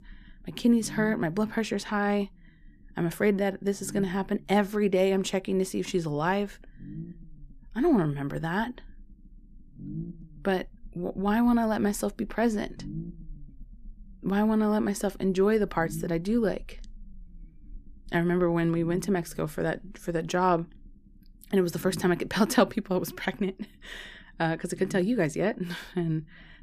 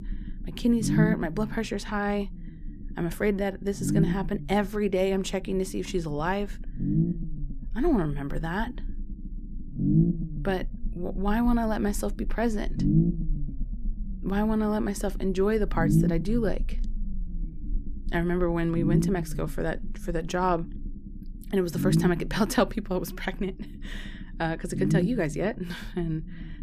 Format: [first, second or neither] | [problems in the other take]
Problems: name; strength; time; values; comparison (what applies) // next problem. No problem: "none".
first | low rumble; loud; throughout; 6 dB below the speech; faint in the first